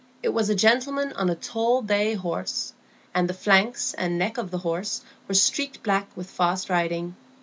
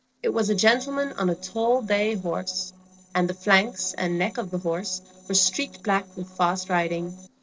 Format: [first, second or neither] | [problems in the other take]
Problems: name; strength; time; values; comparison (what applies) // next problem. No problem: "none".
first | noise reduction (neural separator model SepFormer DNS4)